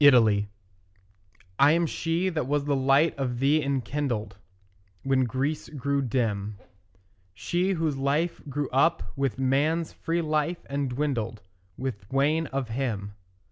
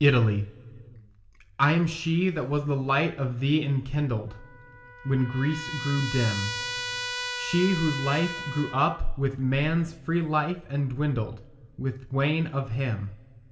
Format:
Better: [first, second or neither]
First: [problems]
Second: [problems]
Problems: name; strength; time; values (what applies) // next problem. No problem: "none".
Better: first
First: none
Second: background sound (Trumpet); 12 dB below the speech // room echo; dies away in 1.9 s